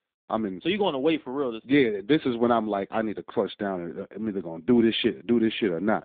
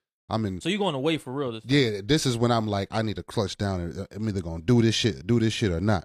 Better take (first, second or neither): second